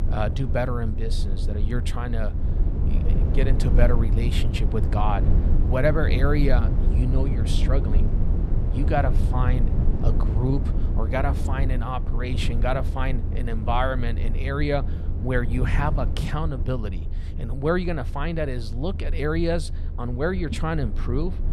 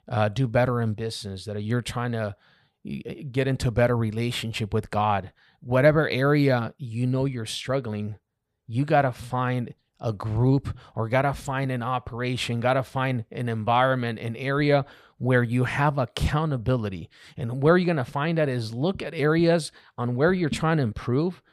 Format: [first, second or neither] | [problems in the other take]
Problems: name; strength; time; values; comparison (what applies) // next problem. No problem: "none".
second | low rumble; loud; throughout; 10 dB below the speech